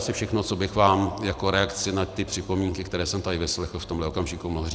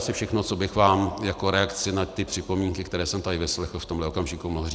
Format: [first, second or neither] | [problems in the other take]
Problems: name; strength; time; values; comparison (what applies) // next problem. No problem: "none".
second | background sound (Keyboard (musical)); 18 dB below the speech